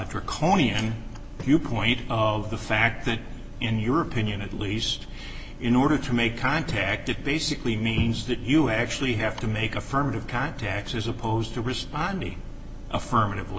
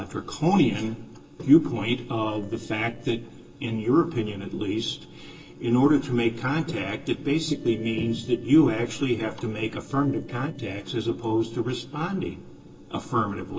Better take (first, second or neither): first